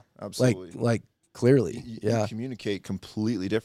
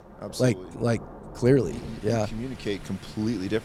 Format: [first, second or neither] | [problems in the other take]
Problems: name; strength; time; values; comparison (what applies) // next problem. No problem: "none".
first | rain or running water; noticeable; throughout; 15 dB below the speech